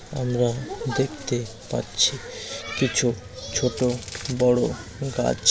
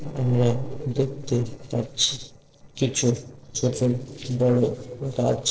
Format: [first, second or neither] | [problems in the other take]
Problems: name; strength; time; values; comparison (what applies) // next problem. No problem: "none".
first | noise reduction (neural separator model SepFormer DNS4)